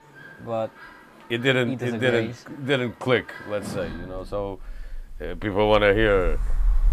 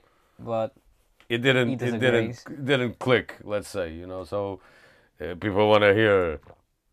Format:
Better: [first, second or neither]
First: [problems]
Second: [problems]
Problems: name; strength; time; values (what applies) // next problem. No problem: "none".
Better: second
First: animal sounds; noticeable; throughout; 10 dB below the speech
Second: none